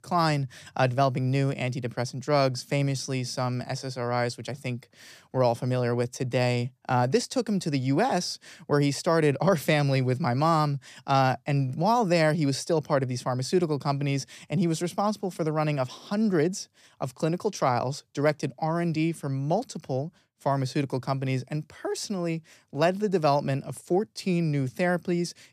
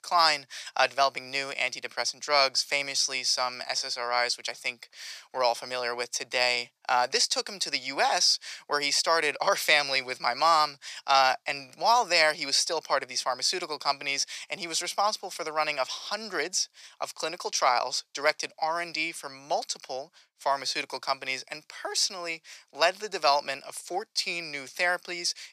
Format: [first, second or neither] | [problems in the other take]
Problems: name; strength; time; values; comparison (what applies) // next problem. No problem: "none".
first | thin; very; fading below 900 Hz